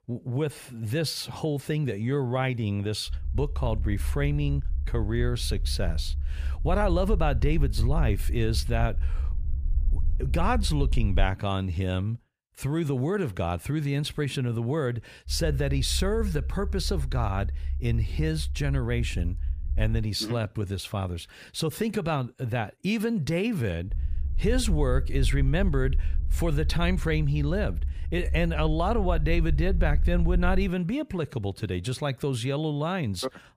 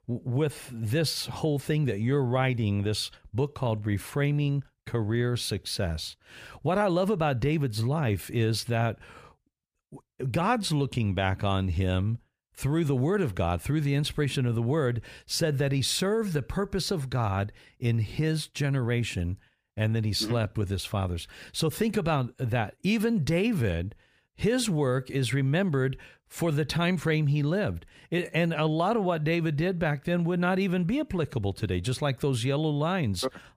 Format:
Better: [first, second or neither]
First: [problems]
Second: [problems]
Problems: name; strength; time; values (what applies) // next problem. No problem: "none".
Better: second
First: low rumble; noticeable; from 3 to 11 s, from 15 to 20 s and from 24 to 31 s; 20 dB below the speech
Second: none